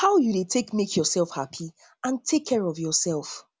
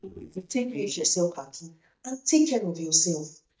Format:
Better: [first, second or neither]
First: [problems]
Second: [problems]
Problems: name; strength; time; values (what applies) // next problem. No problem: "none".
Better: first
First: none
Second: noise reduction (neural mask model DeepFilterNet 3)